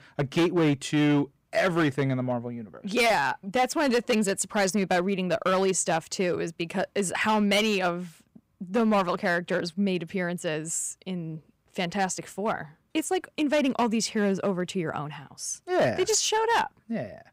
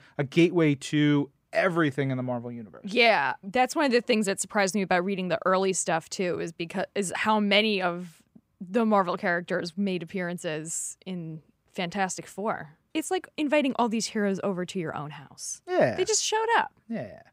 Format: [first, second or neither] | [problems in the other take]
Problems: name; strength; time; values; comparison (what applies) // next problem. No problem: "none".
second | distortion; slight; 7% of the sound clipped